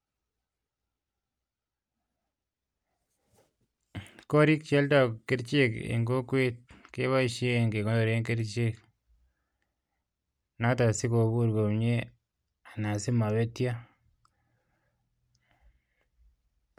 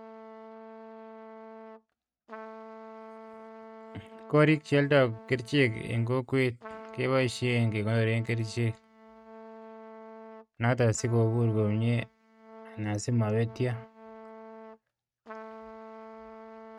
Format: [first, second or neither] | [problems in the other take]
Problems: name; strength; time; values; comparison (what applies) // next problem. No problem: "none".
first | noise reduction (neural mask model RNNoise)